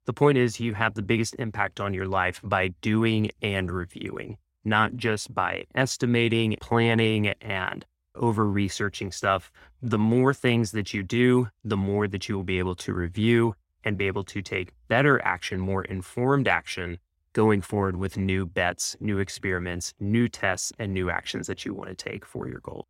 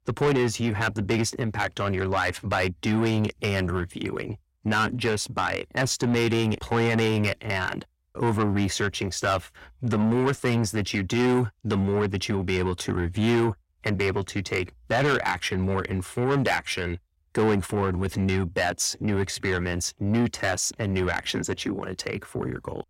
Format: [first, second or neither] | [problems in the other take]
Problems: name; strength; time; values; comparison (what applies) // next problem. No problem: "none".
first | distortion; heavy; 7 dB below the speech